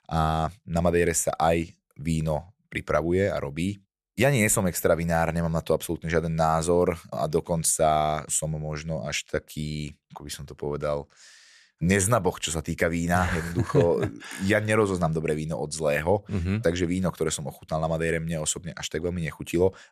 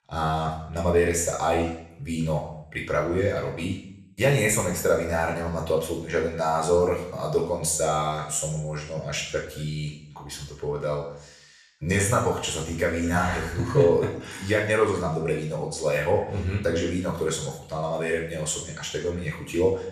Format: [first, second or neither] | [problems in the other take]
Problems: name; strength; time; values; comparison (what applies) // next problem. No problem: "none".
first | room echo; noticeable; dies away in 0.7 s // off-mic speech; far